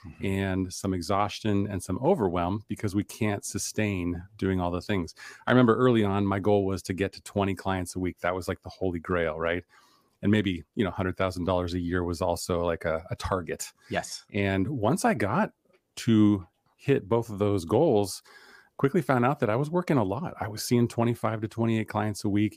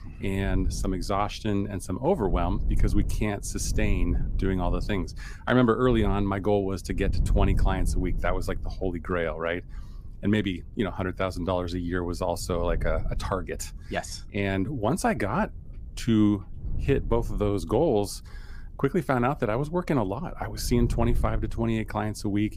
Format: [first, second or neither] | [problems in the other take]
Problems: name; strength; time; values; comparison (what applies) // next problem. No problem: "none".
first | wind noise on the microphone; occasional gusts; 20 dB below the speech